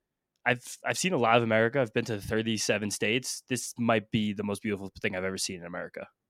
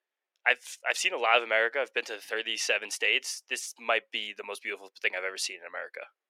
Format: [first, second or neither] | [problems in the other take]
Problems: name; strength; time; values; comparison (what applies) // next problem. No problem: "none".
first | thin; very; fading below 450 Hz